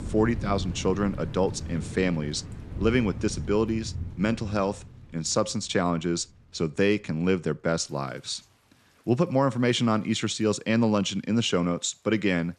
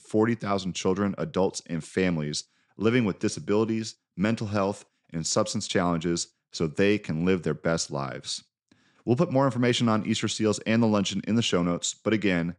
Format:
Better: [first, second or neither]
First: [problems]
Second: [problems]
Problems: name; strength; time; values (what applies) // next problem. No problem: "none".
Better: second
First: rain or running water; noticeable; throughout; 10 dB below the speech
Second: none